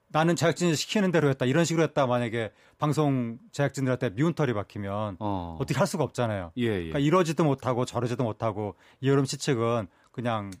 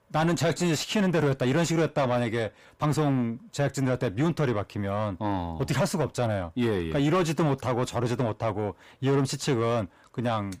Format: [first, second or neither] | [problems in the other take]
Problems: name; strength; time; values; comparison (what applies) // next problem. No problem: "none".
first | distortion; slight; 10 dB below the speech